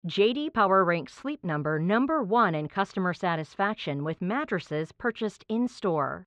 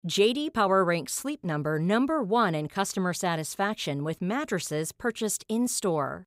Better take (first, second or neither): second